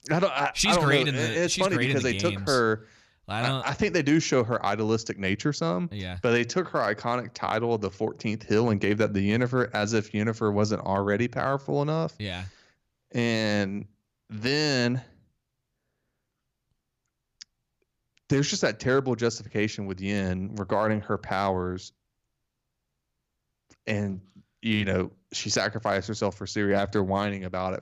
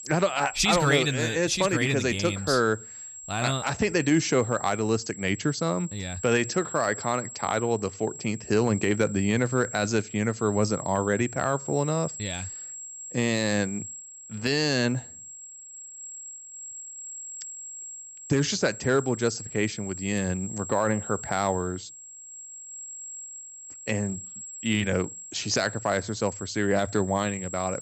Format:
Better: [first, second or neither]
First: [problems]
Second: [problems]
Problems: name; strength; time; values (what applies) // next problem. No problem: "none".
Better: first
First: none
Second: high-pitched whine; noticeable; throughout; 7.5 kHz, 10 dB below the speech